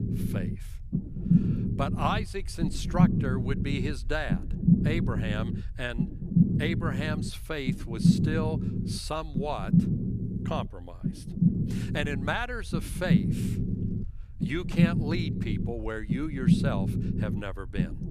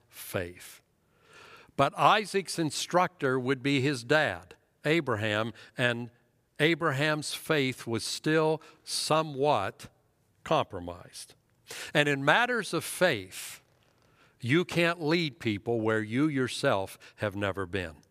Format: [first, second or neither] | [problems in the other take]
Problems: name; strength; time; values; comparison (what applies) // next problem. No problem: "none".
second | low rumble; loud; throughout; 3 dB below the speech